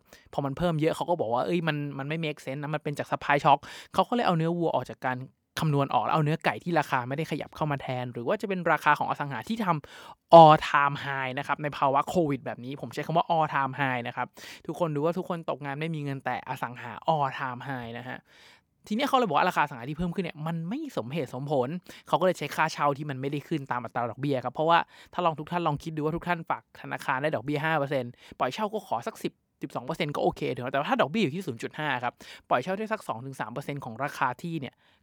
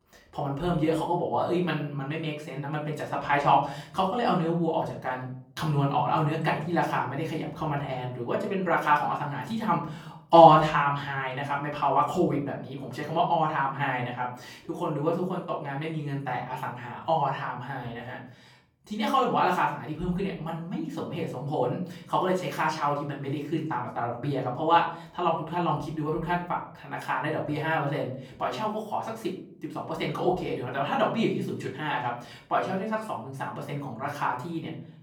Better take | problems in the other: first | off-mic speech; far // room echo; slight; dies away in 0.5 s

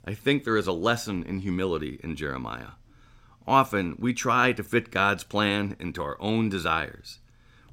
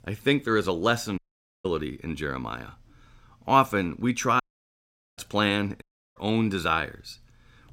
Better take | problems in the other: first | audio cutting out; at 1 s, at 4.5 s for 1 s and at 6 s

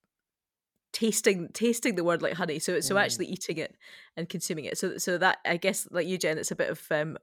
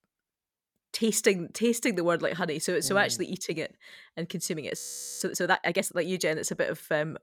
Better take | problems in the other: first | audio freezing; at 5 s

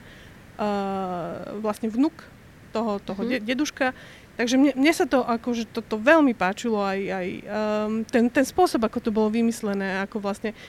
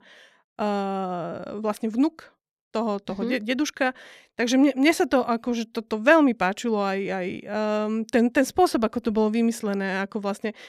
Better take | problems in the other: second | hiss; faint; throughout; 25 dB below the speech

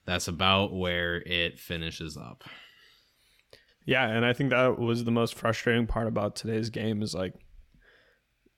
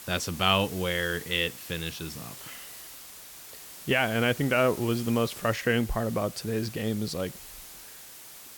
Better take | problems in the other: first | hiss; noticeable; throughout; 15 dB below the speech

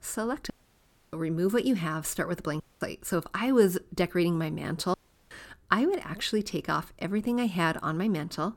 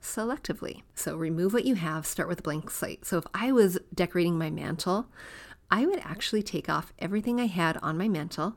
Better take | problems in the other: second | audio cutting out; at 0.5 s for 0.5 s, at 2.5 s and at 5 s

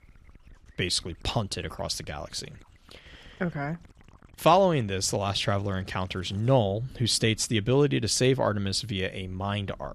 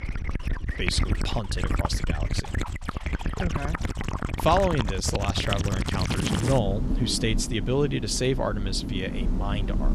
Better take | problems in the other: first | rain or running water; loud; throughout; 1 dB below the speech; faint in the first

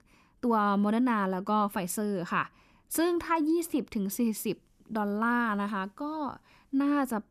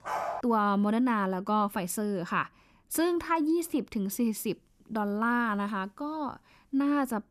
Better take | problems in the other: first | dog barking; noticeable; at the start; peak 4 dB below the speech

